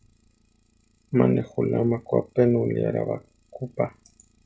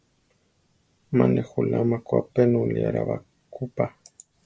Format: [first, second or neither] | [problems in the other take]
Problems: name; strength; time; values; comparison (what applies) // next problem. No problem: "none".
second | noise reduction (classical method log-MMSE)